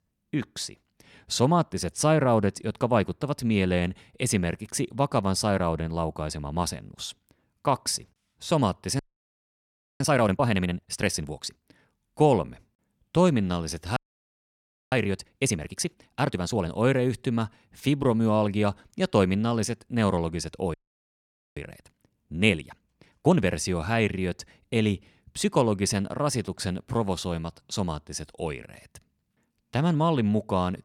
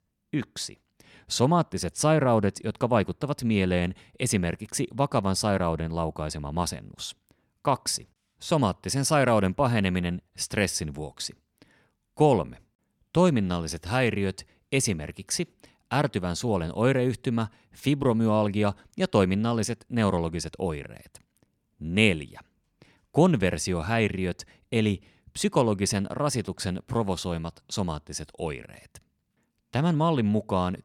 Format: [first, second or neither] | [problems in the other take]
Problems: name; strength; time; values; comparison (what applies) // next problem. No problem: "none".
second | audio freezing; at 9 s for 1 s, at 14 s for 1 s and at 21 s for 1 s